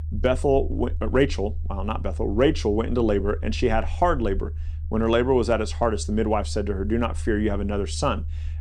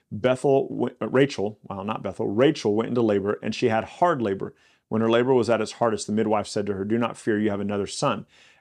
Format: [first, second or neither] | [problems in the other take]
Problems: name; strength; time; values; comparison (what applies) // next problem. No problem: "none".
second | low rumble; faint; throughout; 25 dB below the speech